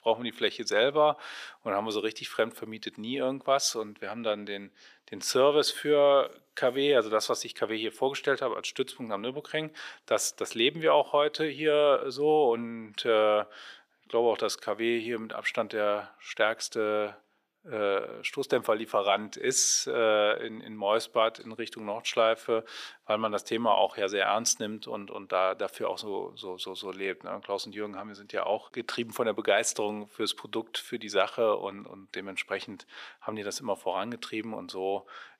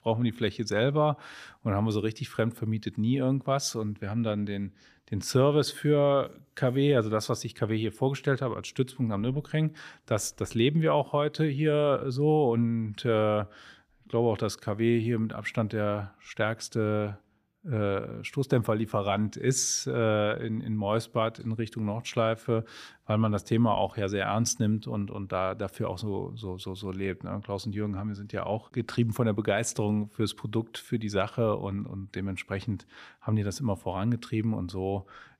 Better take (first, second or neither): second